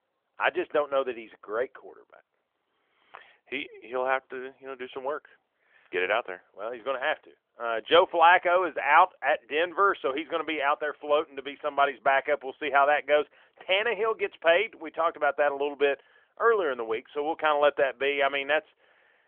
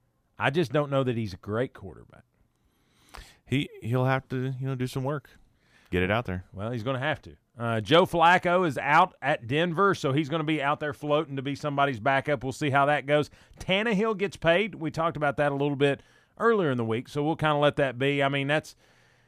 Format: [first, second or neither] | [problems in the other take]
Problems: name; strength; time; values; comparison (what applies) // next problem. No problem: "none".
second | phone-call audio; nothing above 3.5 kHz